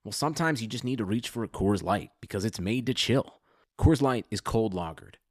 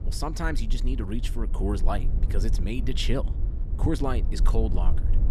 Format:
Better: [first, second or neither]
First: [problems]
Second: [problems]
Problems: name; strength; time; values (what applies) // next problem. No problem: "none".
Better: first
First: none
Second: low rumble; noticeable; throughout; 10 dB below the speech